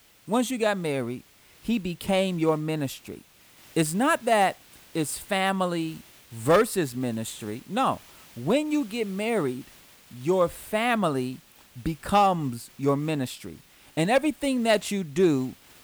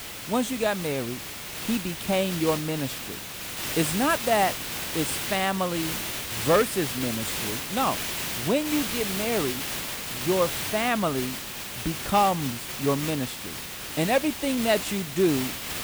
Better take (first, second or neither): first